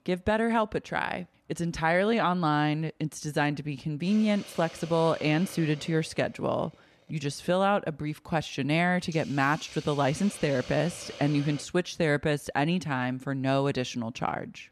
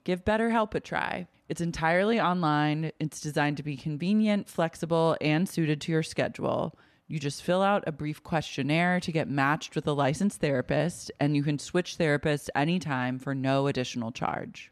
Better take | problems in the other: second | hiss; noticeable; from 4 to 12 s; 15 dB below the speech

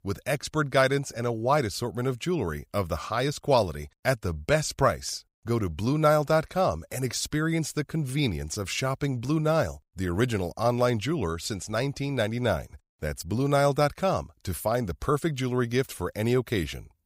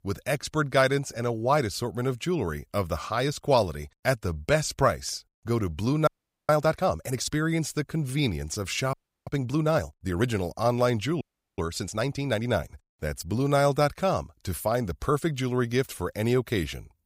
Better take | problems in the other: first | audio freezing; at 6 s, at 9 s and at 11 s

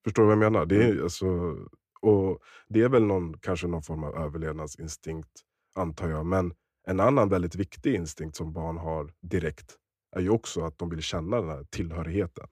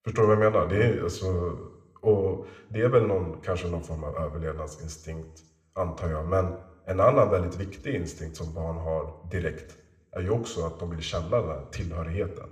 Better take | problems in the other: first | room echo; very slight; dies away in 0.7 s

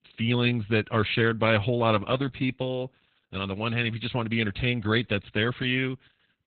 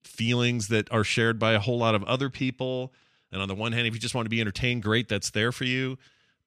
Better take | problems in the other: second | garbled, watery; badly; nothing above 4 kHz

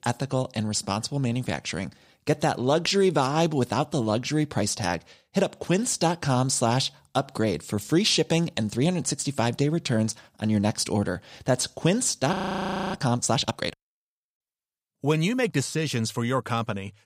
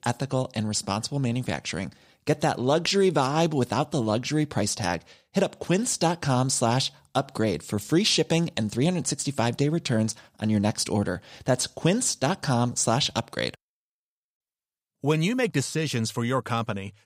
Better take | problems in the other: second | audio freezing; at 12 s for 0.5 s

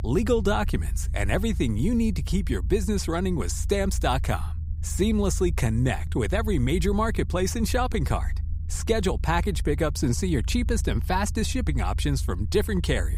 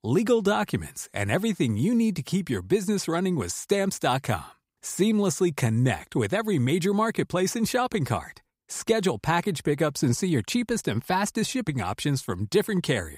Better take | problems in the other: second | low rumble; faint; throughout; 20 dB below the speech

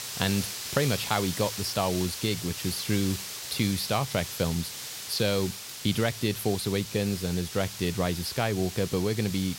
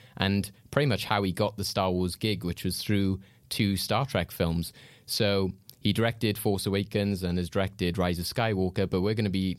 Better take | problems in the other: second | hiss; loud; throughout; 6 dB below the speech

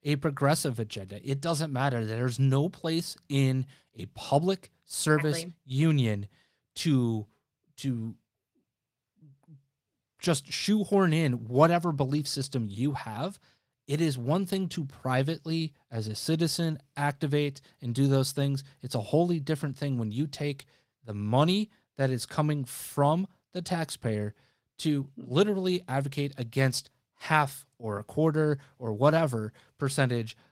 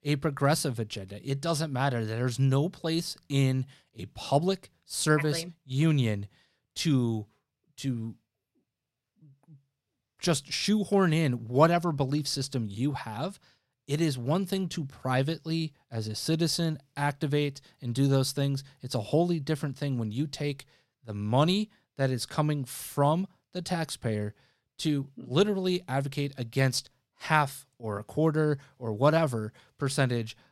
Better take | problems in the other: second | garbled, watery; slightly; nothing above 16 kHz

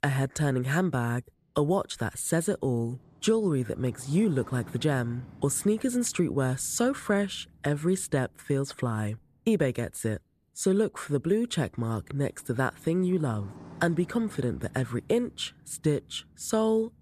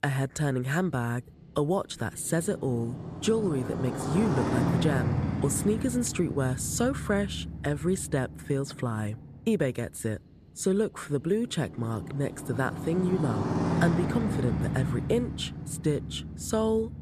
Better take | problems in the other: first | traffic noise; loud; throughout; 3 dB below the speech; faint in the first

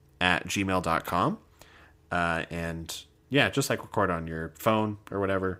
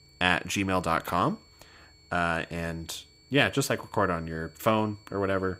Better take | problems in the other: first | high-pitched whine; faint; throughout; 4.5 kHz, 30 dB below the speech

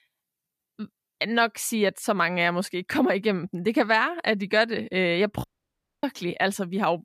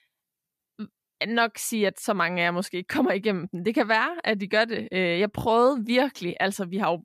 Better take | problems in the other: second | audio cutting out; at 5.5 s for 0.5 s

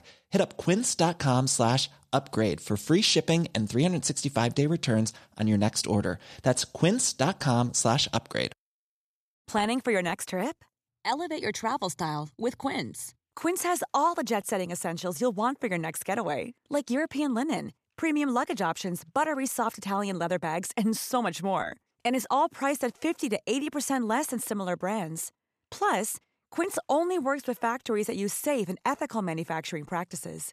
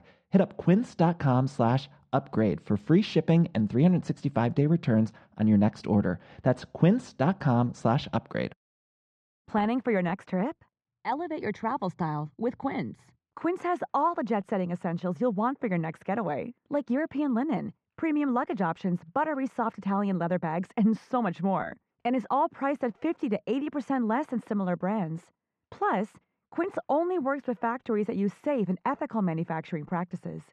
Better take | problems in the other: first | muffled; very; fading above 2 kHz

